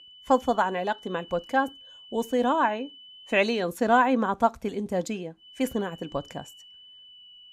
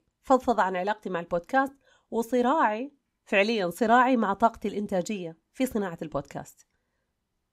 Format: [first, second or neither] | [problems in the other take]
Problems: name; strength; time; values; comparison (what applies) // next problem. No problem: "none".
second | high-pitched whine; faint; until 3.5 s and from 5.5 s on; 3 kHz, 20 dB below the speech